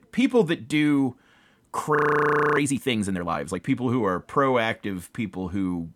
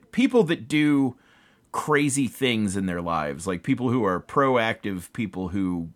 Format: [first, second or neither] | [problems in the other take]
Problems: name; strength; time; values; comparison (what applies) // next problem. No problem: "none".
second | audio freezing; at 2 s for 0.5 s